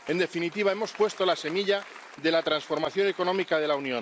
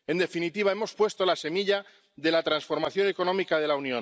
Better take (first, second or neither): second